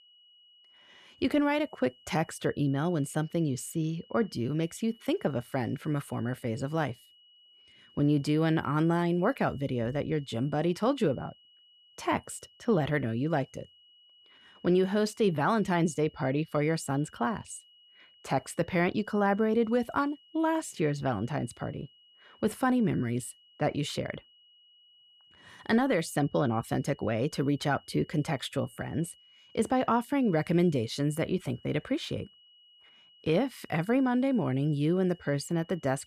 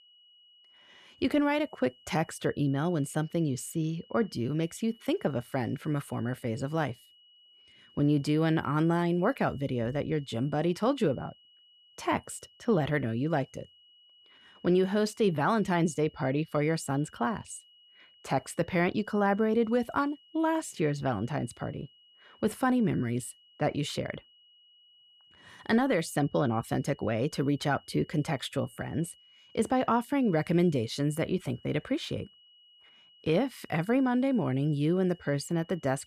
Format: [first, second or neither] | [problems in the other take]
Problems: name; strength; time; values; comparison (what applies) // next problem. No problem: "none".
neither | high-pitched whine; faint; throughout; 3 kHz, 30 dB below the speech; the same in both